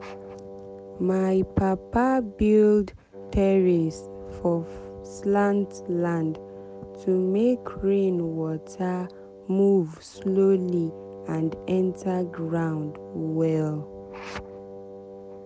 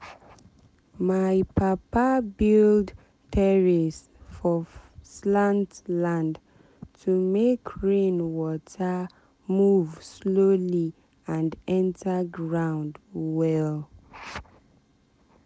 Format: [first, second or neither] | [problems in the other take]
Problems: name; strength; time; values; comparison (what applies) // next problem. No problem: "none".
second | background sound (Wind instrument, woodwind instrument); 16 dB below the speech